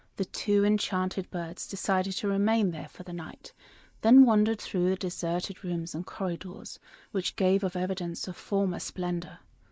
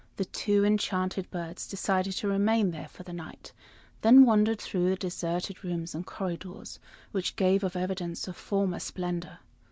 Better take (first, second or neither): second